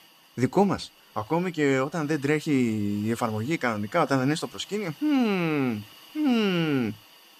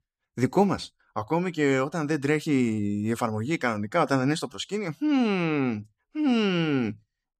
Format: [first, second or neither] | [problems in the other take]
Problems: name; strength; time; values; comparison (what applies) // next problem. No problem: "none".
second | hiss; faint; throughout; 25 dB below the speech